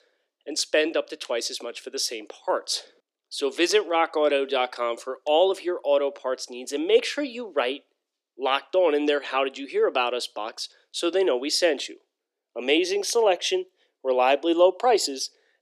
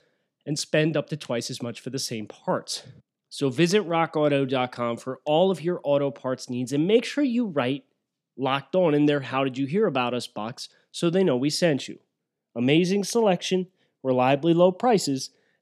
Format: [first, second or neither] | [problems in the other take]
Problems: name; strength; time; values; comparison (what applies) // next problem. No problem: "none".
second | thin; somewhat; fading below 350 Hz